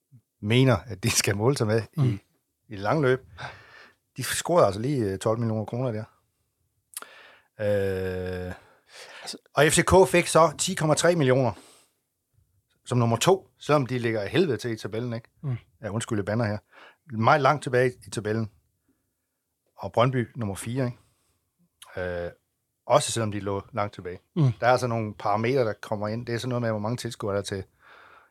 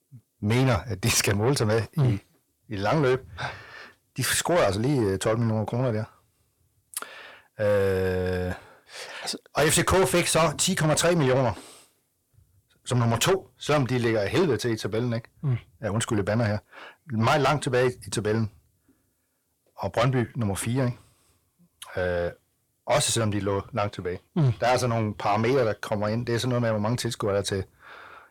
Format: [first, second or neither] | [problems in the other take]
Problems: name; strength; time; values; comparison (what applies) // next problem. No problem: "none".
first | distortion; heavy; 6 dB below the speech